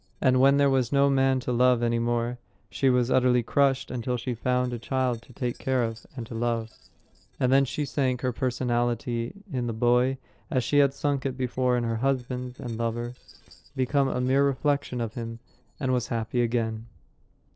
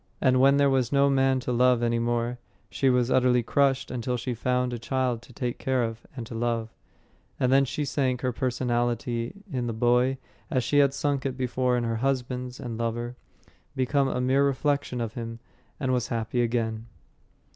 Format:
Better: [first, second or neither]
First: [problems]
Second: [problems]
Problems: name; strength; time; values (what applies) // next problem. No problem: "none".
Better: second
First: noise reduction (neural separator model SepFormer DNS4)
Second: none